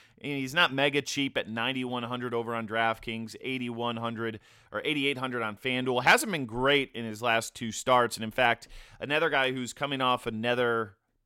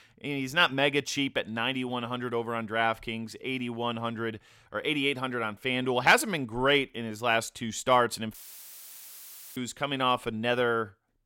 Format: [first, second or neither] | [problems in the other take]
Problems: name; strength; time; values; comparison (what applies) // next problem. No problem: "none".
first | audio cutting out; filled with static; at 8.5 s for 1 s